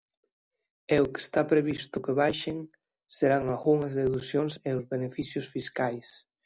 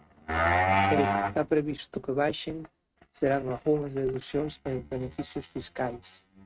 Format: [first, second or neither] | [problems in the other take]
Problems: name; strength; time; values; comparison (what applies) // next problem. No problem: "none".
first | noise reduction (neural mask model RNNoise)